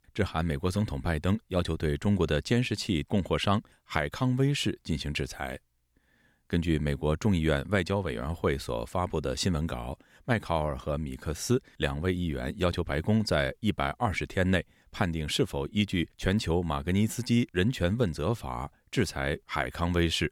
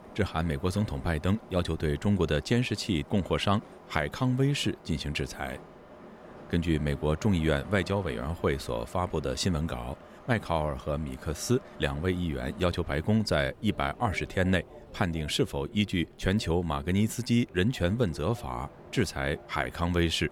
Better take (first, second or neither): first